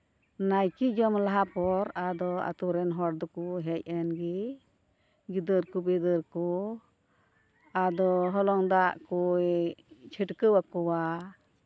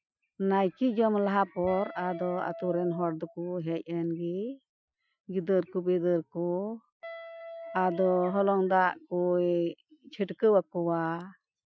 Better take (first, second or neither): first